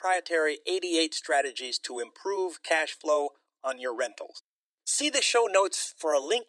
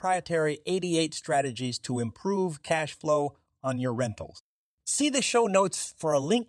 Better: second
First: thin; very; fading below 300 Hz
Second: none

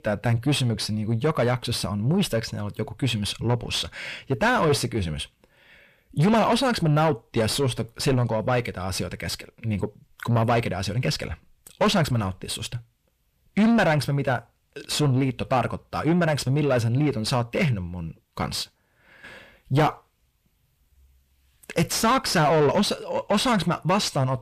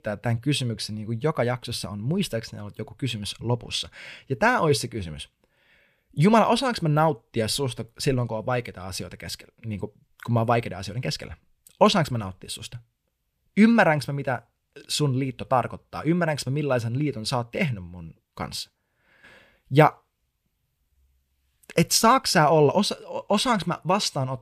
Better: second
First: distortion; heavy; 7 dB below the speech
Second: none

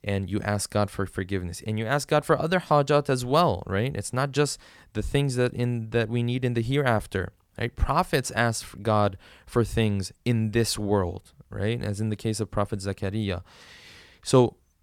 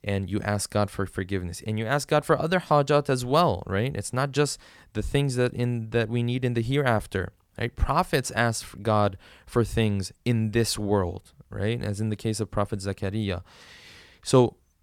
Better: neither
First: none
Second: none

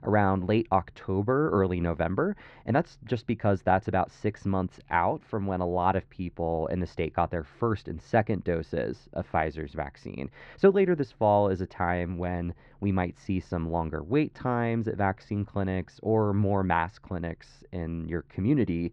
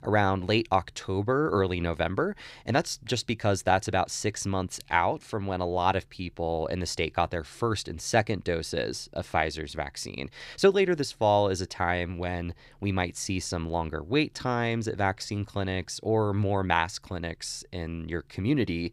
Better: second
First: muffled; very; fading above 1.5 kHz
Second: none

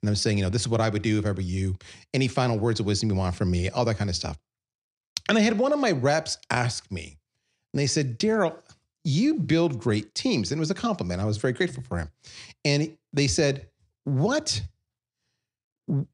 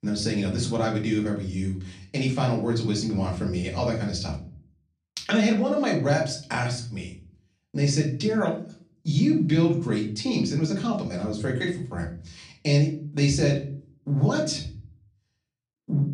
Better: first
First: none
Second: off-mic speech; far // room echo; slight; dies away in 0.5 s

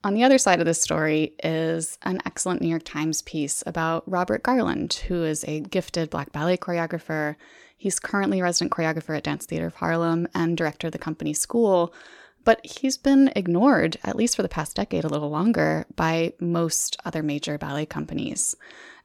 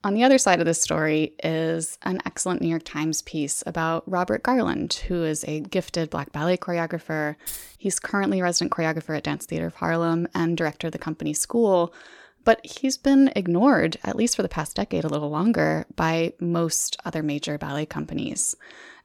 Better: first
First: none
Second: jangling keys; noticeable; at 7.5 s; peak 10 dB below the speech

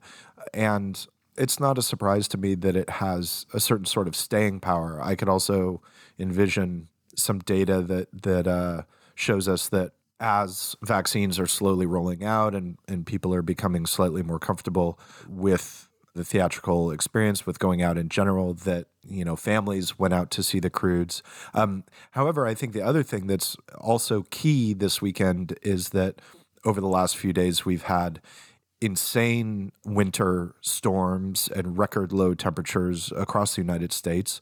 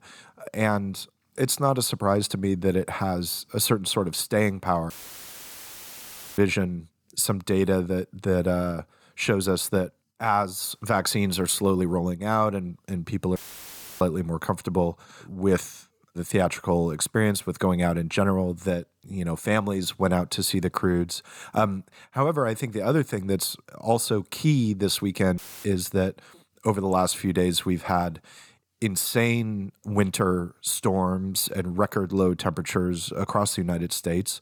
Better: first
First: none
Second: audio cutting out; filled with static; at 5 s for 1.5 s, at 13 s for 0.5 s and at 25 s

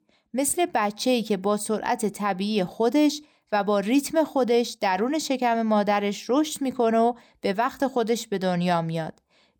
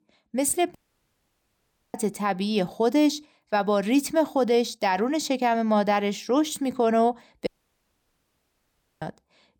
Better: first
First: none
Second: audio cutting out; at 1 s for 1 s and at 7.5 s for 1.5 s

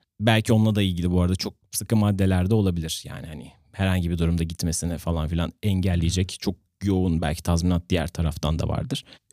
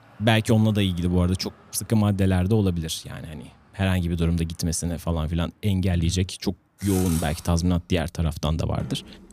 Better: first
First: none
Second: traffic noise; noticeable; throughout; 15 dB below the speech

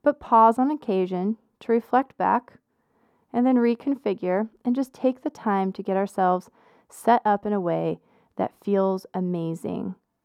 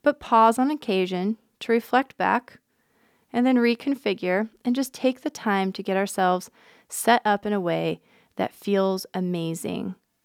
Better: second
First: muffled; slightly; fading above 1.5 kHz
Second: none

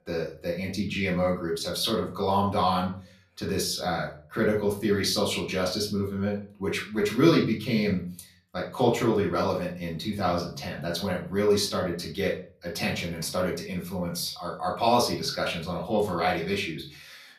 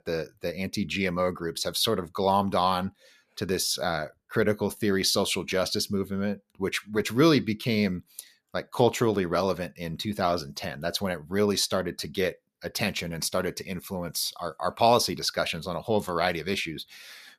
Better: second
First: off-mic speech; far // room echo; slight; dies away in 0.4 s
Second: none

